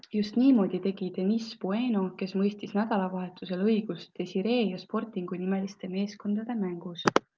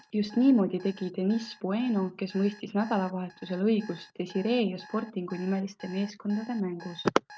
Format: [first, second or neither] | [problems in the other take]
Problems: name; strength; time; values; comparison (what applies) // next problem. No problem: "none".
first | noise reduction (neural mask model RNNoise)